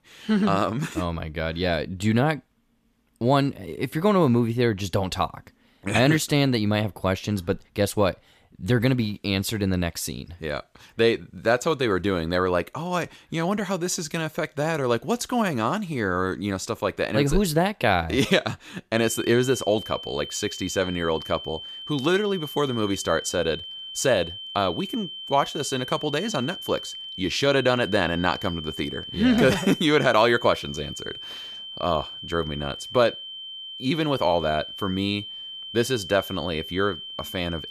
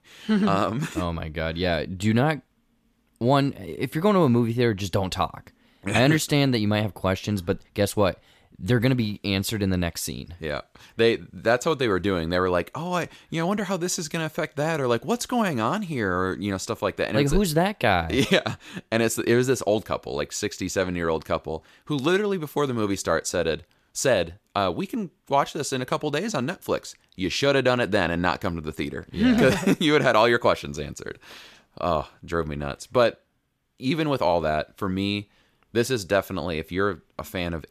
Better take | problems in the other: second | high-pitched whine; noticeable; from 19 s on; 3 kHz, 10 dB below the speech

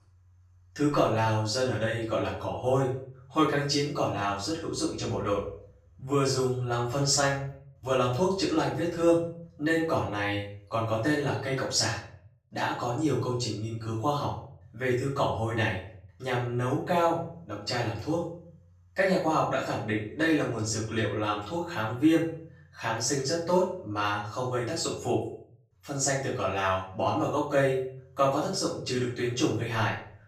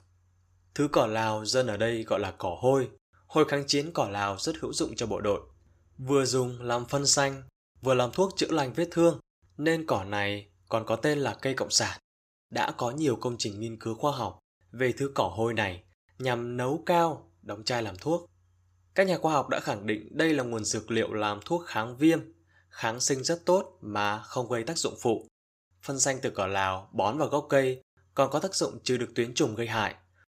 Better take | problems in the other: second | off-mic speech; far // room echo; noticeable; dies away in 0.5 s

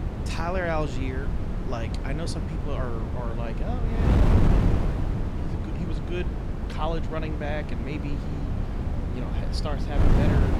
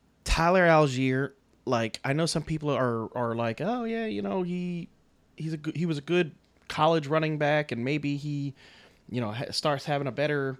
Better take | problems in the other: second | wind noise on the microphone; heavy; 1 dB below the speech

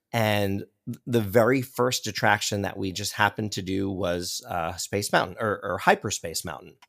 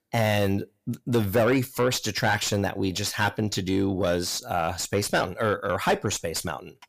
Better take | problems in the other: first | distortion; heavy; 7 dB below the speech

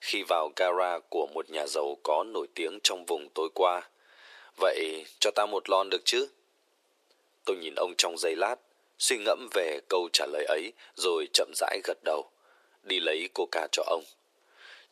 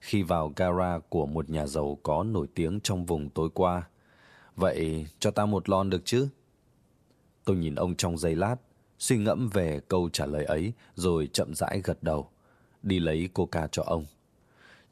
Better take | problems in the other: second | thin; very; fading below 350 Hz

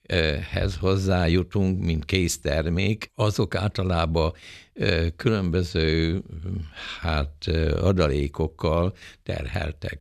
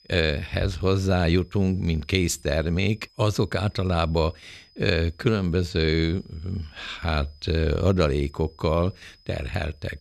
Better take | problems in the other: first | high-pitched whine; faint; throughout; 5 kHz, 30 dB below the speech

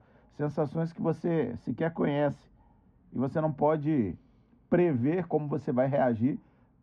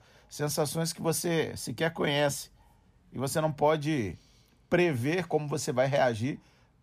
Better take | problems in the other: second | muffled; very; fading above 1.5 kHz

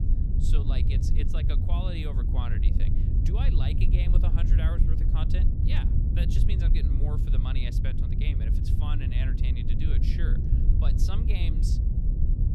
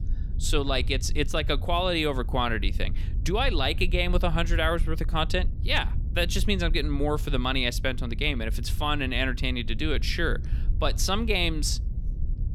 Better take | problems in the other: second | low rumble; loud; throughout; 1 dB below the speech; faint in the second

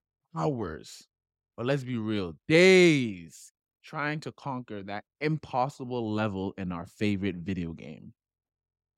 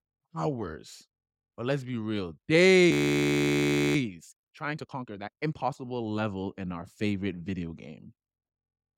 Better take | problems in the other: first | audio freezing; at 3 s for 1 s

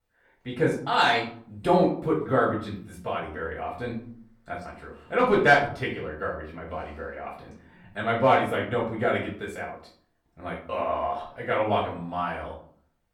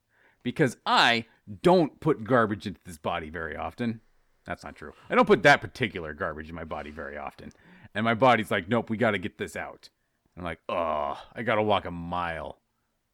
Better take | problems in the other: second | off-mic speech; far // room echo; slight; dies away in 0.5 s

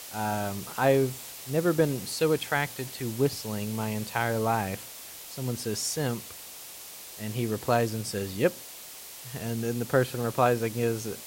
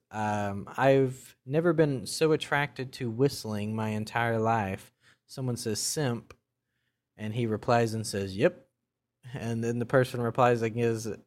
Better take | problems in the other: second | hiss; noticeable; throughout; 10 dB below the speech

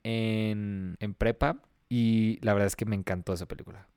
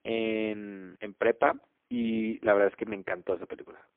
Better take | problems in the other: first | phone-call audio; poor line; nothing above 3.5 kHz

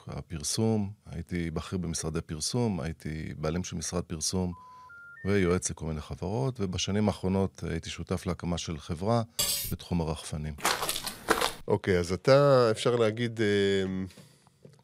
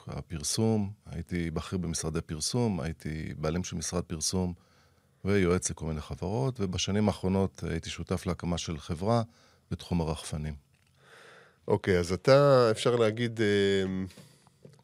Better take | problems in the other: second | phone ringing; faint; from 4.5 to 5.5 s; peak 15 dB below the speech // clattering dishes; loud; at 9.5 s; peak 2 dB above the speech // footsteps; loud; at 11 s; peak 2 dB above the speech

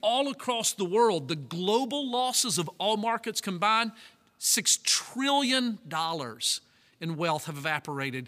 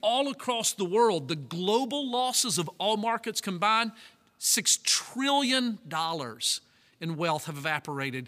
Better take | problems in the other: neither | none

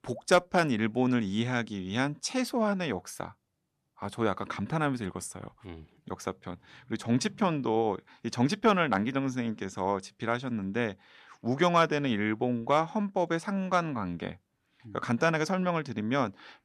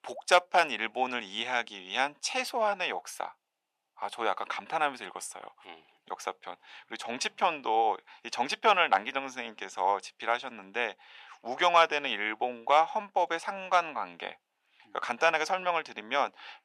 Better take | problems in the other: first | thin; very; fading below 650 Hz

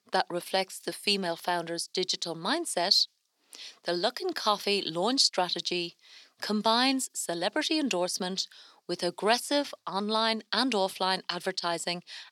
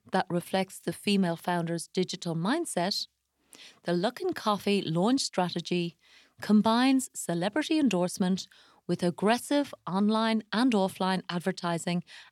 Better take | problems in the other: second | thin; somewhat; fading below 350 Hz

